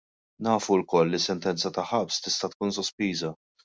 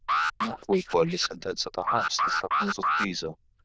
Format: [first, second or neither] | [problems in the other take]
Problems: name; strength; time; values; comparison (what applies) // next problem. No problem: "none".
first | noise reduction (neural diffusion model UNIVERSE++)